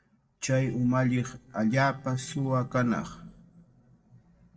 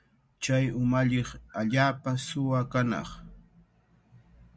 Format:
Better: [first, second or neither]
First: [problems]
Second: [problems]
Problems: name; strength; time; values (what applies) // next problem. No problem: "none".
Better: second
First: noise reduction (neural separator model SepFormer DNS4)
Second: none